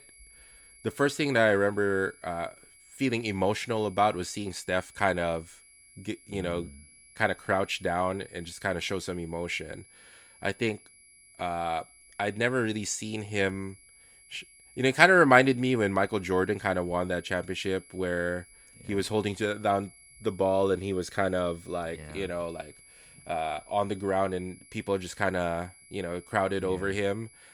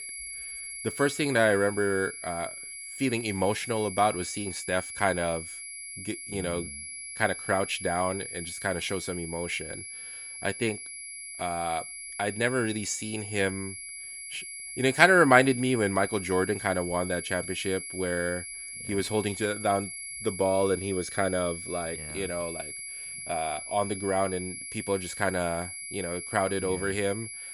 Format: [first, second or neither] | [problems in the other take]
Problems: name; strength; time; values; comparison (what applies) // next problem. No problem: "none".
first | high-pitched whine; loud; throughout; 2.5 kHz, 8 dB below the speech; faint in the first